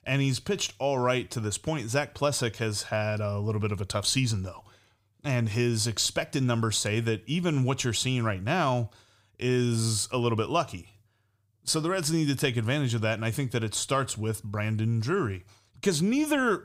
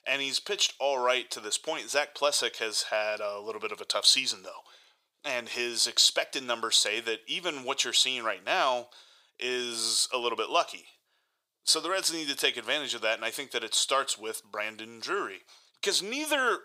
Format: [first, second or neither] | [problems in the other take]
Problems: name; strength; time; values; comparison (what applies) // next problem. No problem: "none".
first | thin; very; fading below 450 Hz